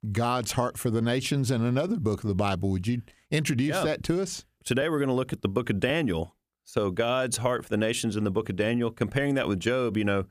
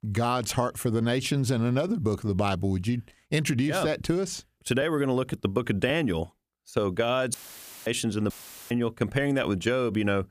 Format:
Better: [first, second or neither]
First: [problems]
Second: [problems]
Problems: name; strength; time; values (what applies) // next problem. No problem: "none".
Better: first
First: none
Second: audio cutting out; filled with static; at 7.5 s for 0.5 s and at 8.5 s